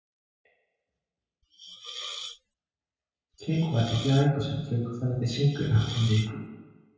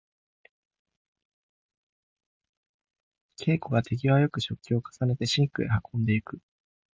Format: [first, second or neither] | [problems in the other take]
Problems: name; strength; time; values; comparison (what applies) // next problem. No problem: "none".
second | background sound (Hiss); 12 dB below the speech // room echo; dies away in 1.2 s